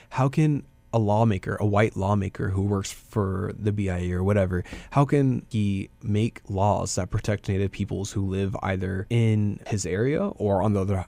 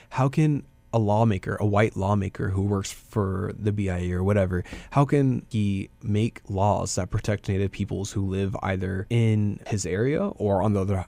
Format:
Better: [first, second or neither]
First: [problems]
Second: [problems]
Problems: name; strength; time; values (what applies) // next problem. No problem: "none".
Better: neither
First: none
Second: none